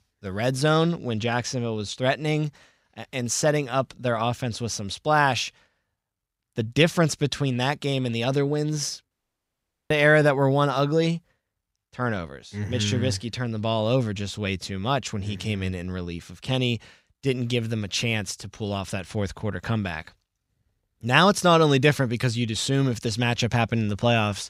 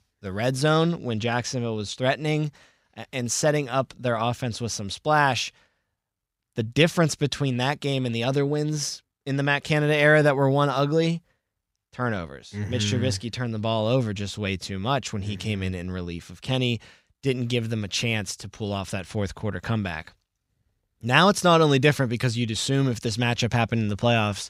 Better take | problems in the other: second | audio cutting out; at 9 s for 1 s

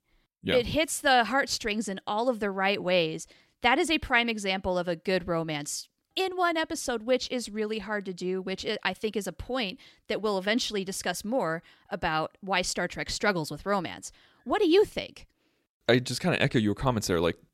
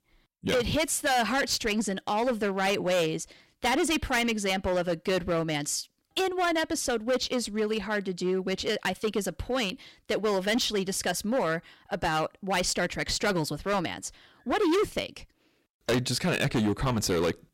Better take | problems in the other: first | distortion; heavy; 12% of the sound clipped

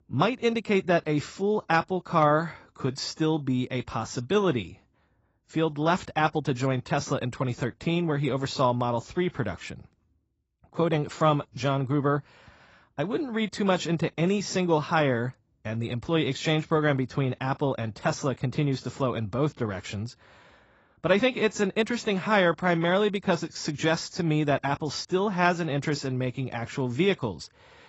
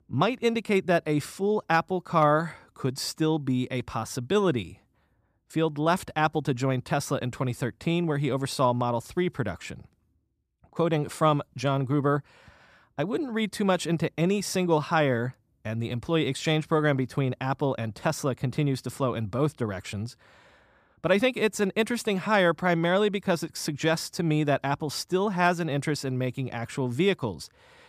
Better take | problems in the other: second | garbled, watery; badly; nothing above 7.5 kHz

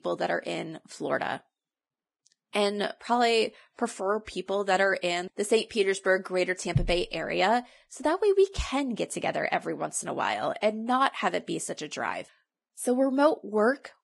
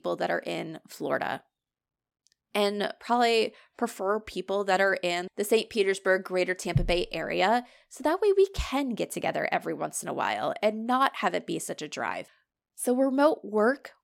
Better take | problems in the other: second | garbled, watery; badly; nothing above 11.5 kHz

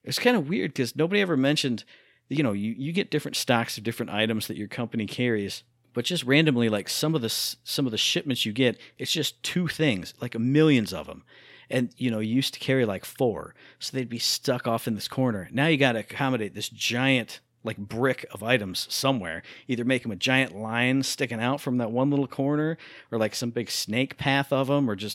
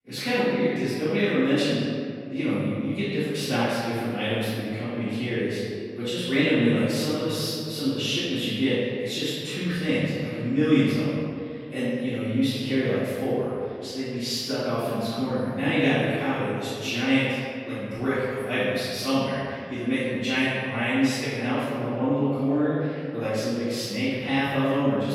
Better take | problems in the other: first | off-mic speech; far // room echo; strong; dies away in 2.1 s

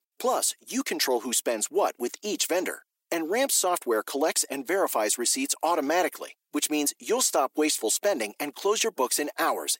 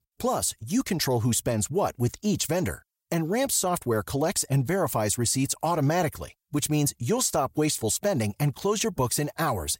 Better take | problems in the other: second | thin; somewhat; fading below 300 Hz

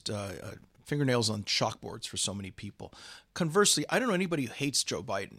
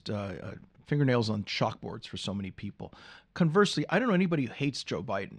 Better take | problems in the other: first | muffled; slightly; fading above 3 kHz

